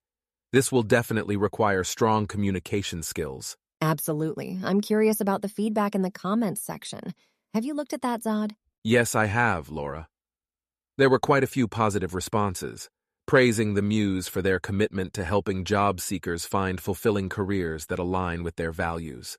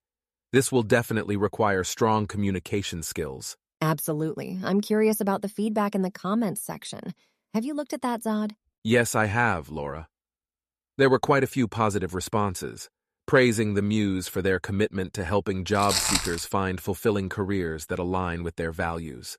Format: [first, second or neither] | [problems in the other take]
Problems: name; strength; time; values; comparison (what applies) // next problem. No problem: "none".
first | footsteps; loud; at 16 s; peak 3 dB above the speech